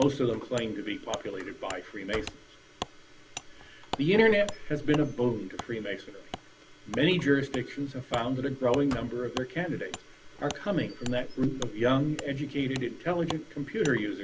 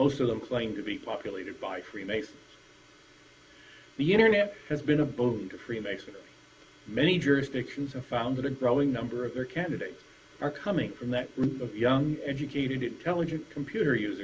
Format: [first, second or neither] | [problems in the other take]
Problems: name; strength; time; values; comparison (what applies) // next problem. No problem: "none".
second | background sound (Squeak + Wood); 12 dB below the speech